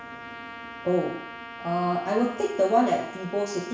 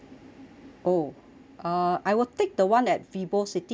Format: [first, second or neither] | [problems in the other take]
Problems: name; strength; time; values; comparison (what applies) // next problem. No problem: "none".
second | background sound (Trumpet); 14 dB below the speech // room echo; dies away in 0.7 s